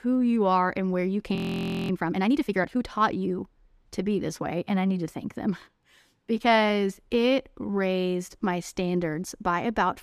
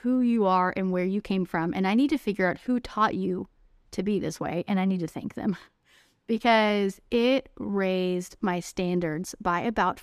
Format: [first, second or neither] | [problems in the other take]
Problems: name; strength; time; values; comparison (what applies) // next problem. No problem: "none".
second | audio freezing; at 1.5 s for 0.5 s